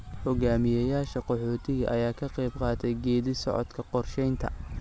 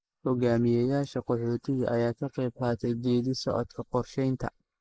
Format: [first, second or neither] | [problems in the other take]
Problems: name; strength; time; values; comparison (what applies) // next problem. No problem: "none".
first | noise reduction (neural mask model Resemble Enhance denoiser)